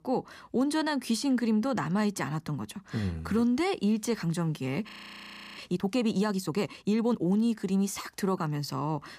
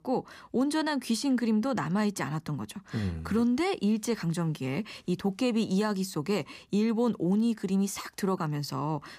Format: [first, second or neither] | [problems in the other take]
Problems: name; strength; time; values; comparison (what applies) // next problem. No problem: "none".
second | audio freezing; at 5 s for 0.5 s